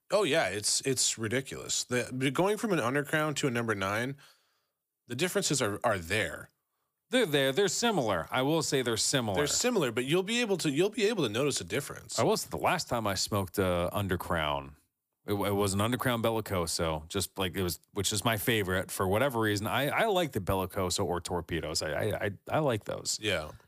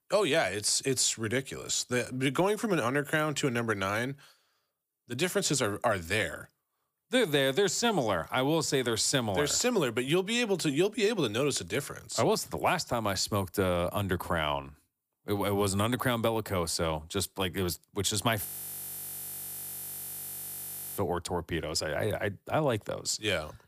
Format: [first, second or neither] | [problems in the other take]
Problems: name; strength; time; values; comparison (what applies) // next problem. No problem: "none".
first | audio freezing; at 18 s for 2.5 s